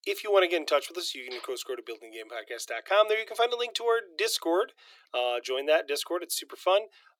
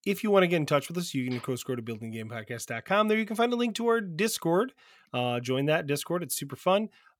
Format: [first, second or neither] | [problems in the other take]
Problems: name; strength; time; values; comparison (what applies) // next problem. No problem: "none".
second | thin; very; fading below 300 Hz